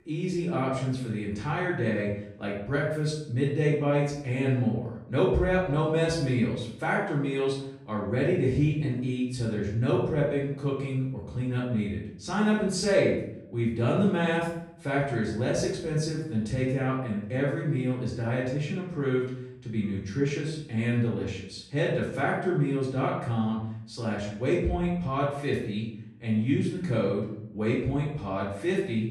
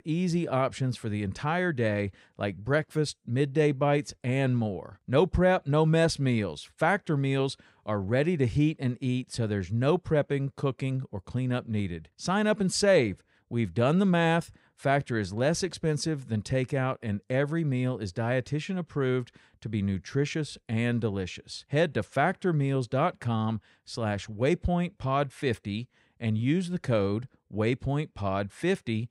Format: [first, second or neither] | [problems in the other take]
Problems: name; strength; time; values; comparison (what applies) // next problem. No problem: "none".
second | room echo; noticeable; dies away in 0.6 s // off-mic speech; far